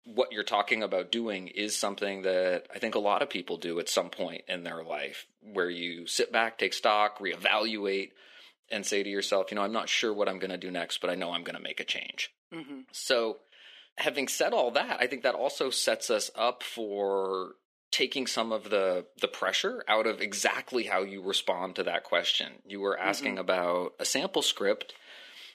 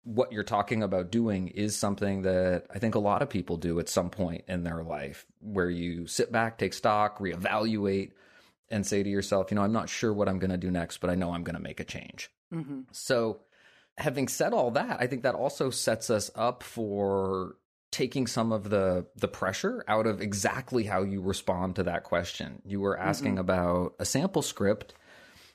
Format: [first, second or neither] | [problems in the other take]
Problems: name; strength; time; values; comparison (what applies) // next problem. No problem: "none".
second | thin; somewhat; fading below 300 Hz